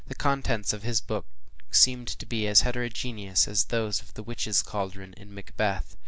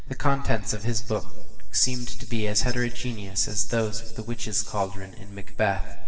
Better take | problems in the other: first | room echo; dies away in 3 s

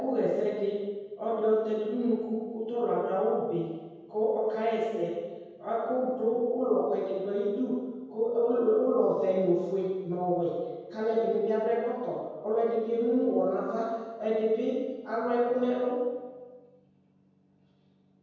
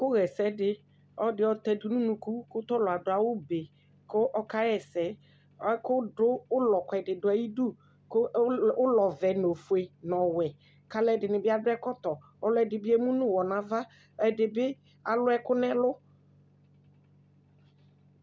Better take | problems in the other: second | room echo; dies away in 1.2 s

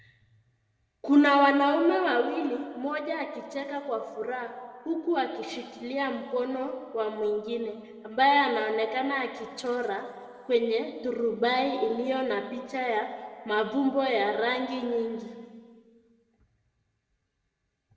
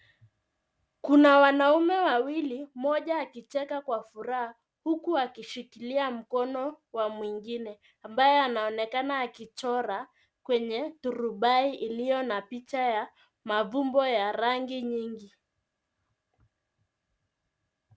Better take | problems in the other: second | room echo; dies away in 2 s

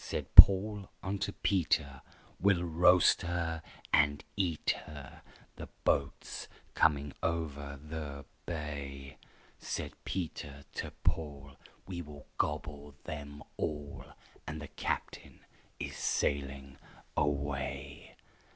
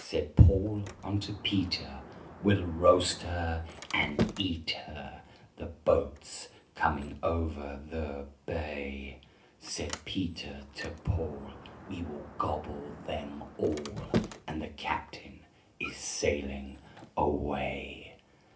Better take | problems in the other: first | background sound (Sliding door); 12 dB below the speech // room echo; dies away in 0.3 s

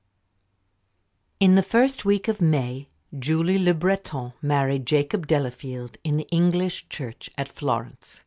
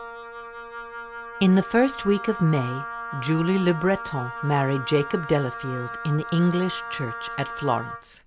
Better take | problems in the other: first | background sound (Wind instrument, woodwind instrument); 10 dB below the speech

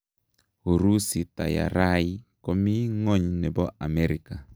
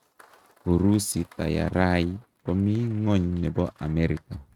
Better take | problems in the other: first | noise reduction (neural mask model RNNoise)

